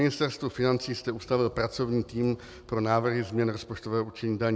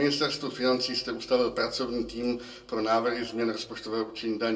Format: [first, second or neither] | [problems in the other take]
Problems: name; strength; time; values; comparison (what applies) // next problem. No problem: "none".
first | room echo; dies away in 0.2 s